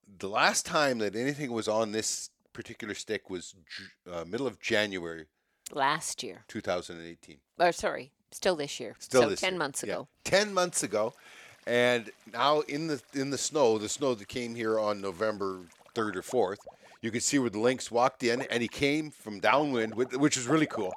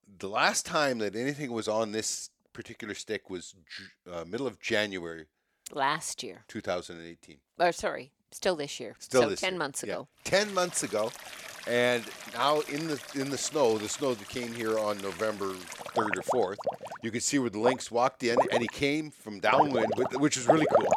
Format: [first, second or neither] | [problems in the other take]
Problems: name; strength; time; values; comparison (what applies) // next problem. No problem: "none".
first | rain or running water; loud; from 10 s on; 4 dB below the speech; faint in the first